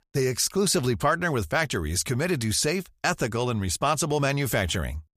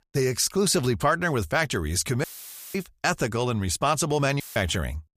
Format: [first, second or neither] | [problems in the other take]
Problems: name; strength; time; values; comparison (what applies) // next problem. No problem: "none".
first | audio cutting out; filled with static; at 2 s for 0.5 s and at 4.5 s